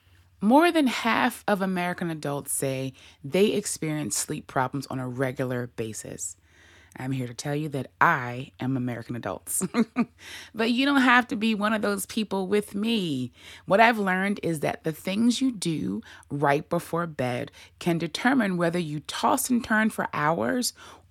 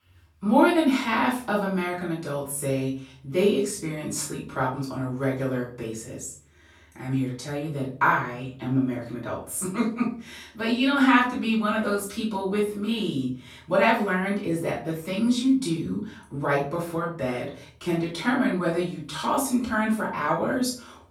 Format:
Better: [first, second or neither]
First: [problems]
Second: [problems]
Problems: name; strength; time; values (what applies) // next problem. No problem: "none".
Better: first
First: none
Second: room echo; slight; dies away in 0.4 s // off-mic speech; far